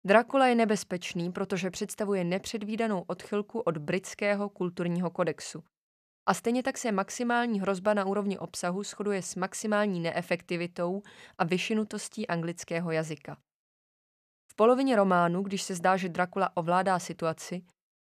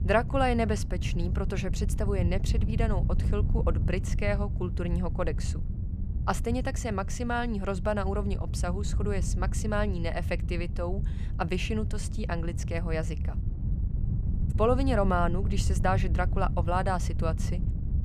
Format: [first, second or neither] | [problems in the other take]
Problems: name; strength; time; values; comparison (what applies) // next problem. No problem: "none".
first | wind noise on the microphone; occasional gusts; 15 dB below the speech